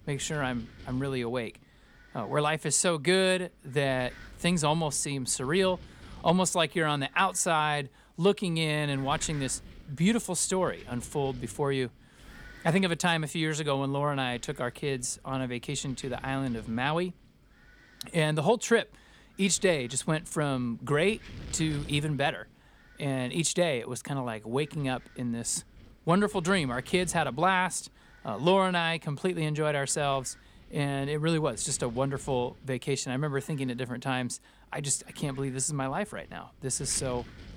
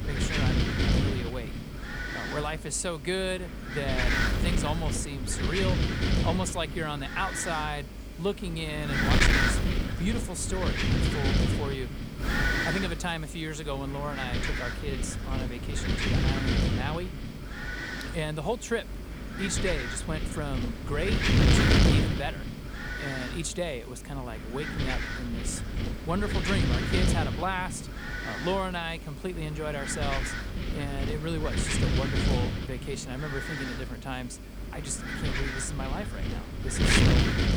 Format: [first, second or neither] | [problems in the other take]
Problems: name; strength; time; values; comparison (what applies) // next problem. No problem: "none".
first | wind noise on the microphone; heavy; 3 dB above the speech; occasional gusts in the first